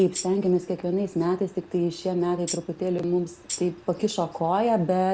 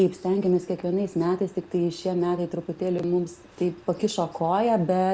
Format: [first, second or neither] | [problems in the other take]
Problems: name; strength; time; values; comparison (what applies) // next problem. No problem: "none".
second | background sound (Tambourine); 13 dB below the speech